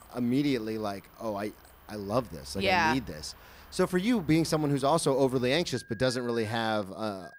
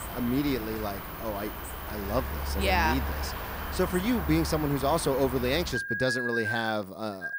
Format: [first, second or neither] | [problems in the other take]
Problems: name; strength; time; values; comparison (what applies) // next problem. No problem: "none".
first | animal sounds; loud; throughout; 5 dB below the speech; faint in the first